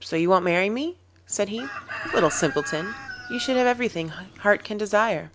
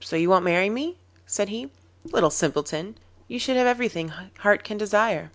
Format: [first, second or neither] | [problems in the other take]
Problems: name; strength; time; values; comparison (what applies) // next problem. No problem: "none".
second | background sound (Chicken, rooster); 11 dB below the speech